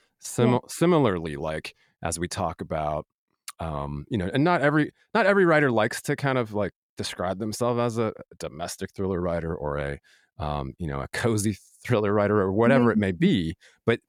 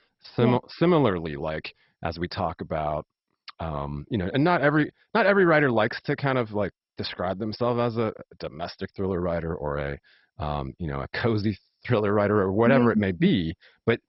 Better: first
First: none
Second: garbled, watery; badly; nothing above 5.5 kHz

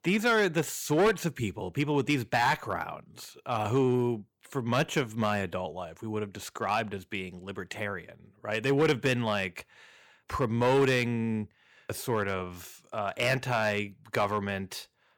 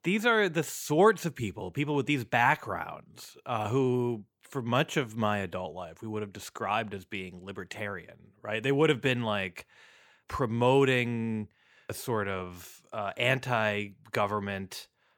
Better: second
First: distortion; slight; 3% of the sound clipped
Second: none

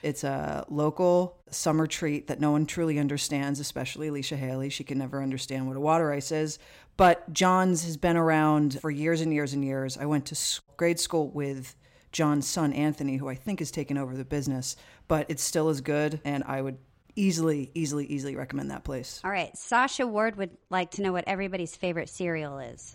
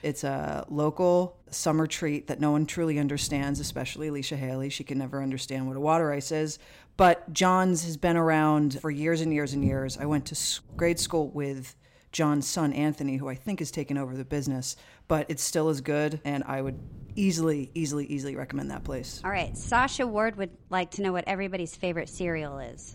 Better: first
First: none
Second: wind noise on the microphone; occasional gusts; until 11 s and from 17 s on; 20 dB below the speech

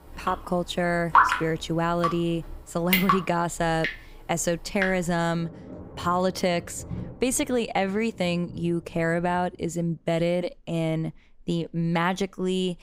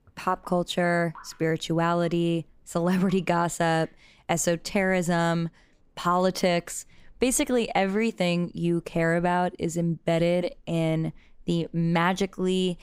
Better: second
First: rain or running water; loud; until 10 s; as loud as the speech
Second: rain or running water; faint; until 10 s; 30 dB below the speech

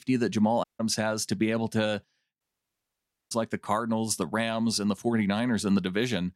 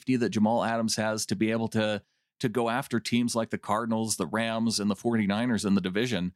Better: second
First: audio cutting out; at 0.5 s and at 2.5 s for 1 s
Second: none

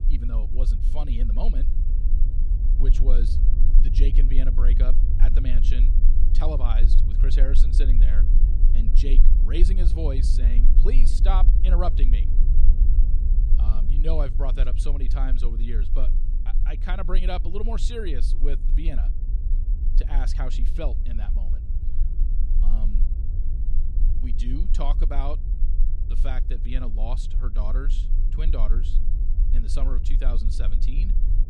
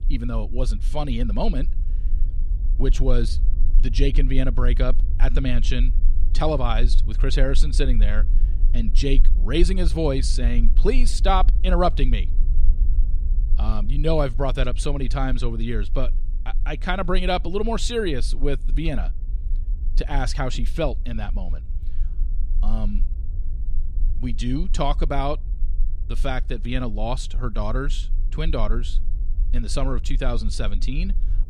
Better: second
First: low rumble; loud; throughout; 9 dB below the speech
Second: low rumble; faint; throughout; 20 dB below the speech

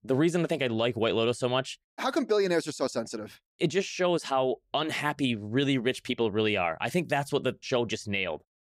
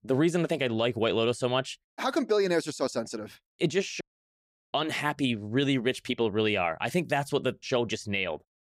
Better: first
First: none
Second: audio cutting out; at 4 s for 0.5 s

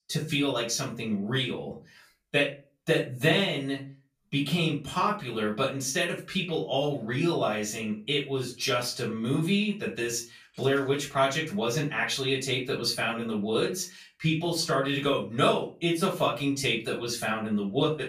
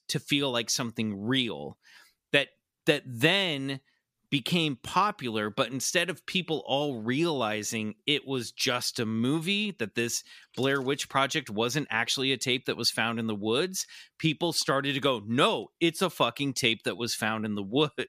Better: second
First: off-mic speech; far // room echo; slight; dies away in 0.3 s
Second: none

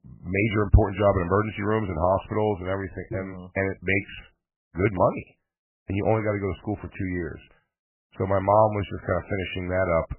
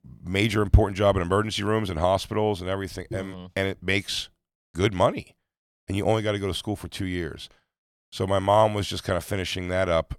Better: second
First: garbled, watery; badly; nothing above 3 kHz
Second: none

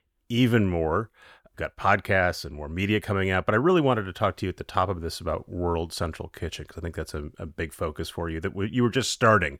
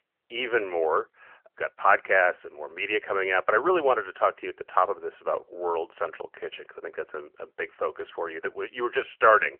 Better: first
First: none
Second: phone-call audio; nothing above 3 kHz

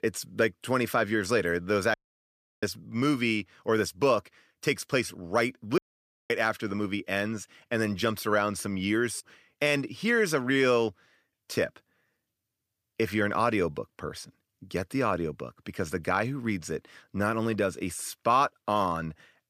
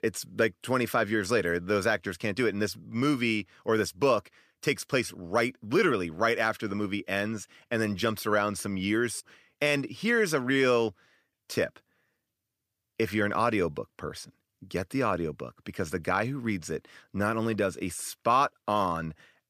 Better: second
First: audio cutting out; at 2 s for 0.5 s and at 6 s for 0.5 s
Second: none

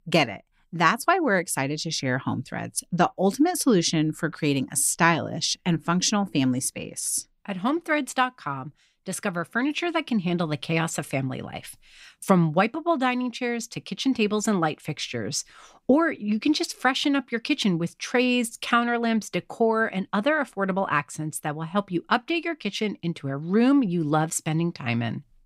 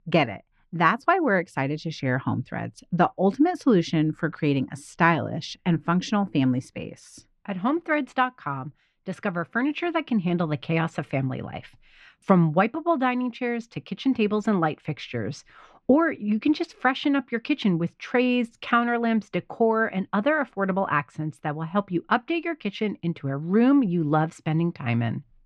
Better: first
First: none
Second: muffled; slightly; fading above 2.5 kHz

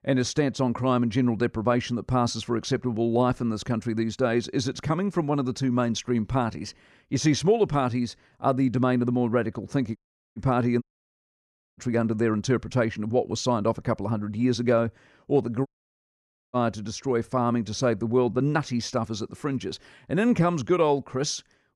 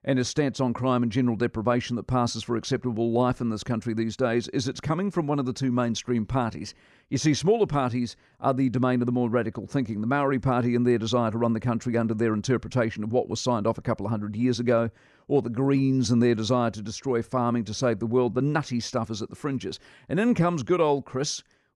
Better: second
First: audio cutting out; at 10 s, at 11 s for 1 s and at 16 s for 1 s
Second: none

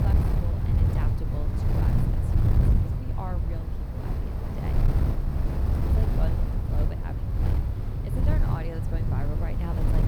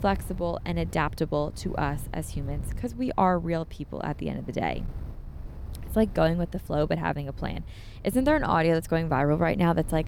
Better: second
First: wind noise on the microphone; heavy; 4 dB above the speech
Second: wind noise on the microphone; occasional gusts; 25 dB below the speech

